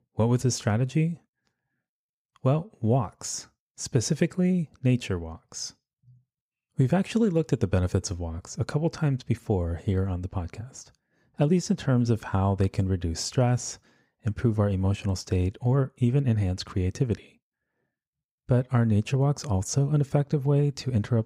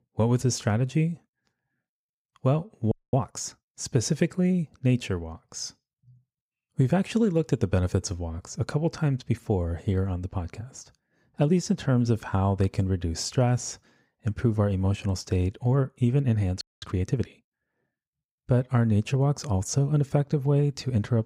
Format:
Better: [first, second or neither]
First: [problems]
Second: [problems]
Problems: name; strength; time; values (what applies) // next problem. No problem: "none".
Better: first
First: none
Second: audio freezing; at 3 s and at 17 s